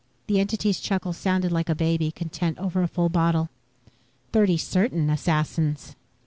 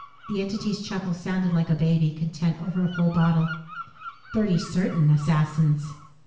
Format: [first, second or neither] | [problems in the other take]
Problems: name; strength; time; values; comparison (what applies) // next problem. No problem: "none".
first | background sound (Bird vocalization, bird call, bird song); 19 dB below the speech // room echo; dies away in 0.8 s